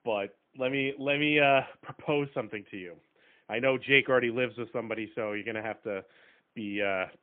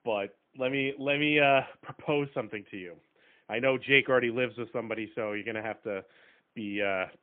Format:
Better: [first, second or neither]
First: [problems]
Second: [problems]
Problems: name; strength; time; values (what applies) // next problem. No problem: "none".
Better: neither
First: phone-call audio; poor line; nothing above 3.5 kHz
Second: phone-call audio; poor line; nothing above 3.5 kHz